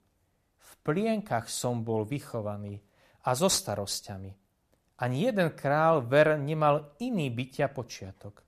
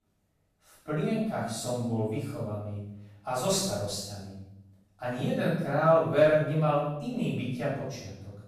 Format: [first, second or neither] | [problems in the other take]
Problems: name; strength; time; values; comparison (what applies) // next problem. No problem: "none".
first | off-mic speech; far // room echo; strong; dies away in 0.7 s